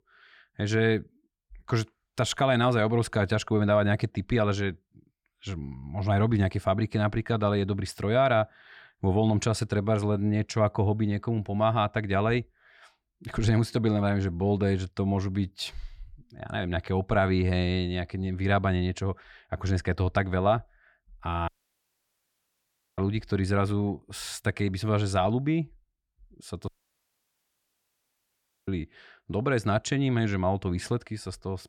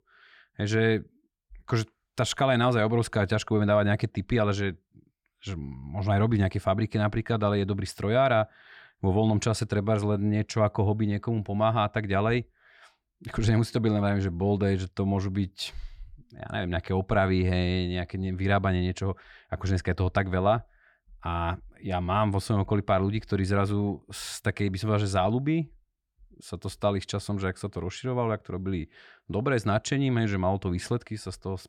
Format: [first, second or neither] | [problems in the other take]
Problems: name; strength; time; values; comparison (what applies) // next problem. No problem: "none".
second | audio cutting out; at 21 s for 1.5 s and at 27 s for 2 s